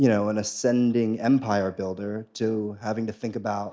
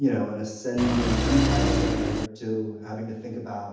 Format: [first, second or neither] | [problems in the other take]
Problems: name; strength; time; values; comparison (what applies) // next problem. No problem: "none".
first | background sound (Engine); 4 dB above the speech // room echo; dies away in 0.9 s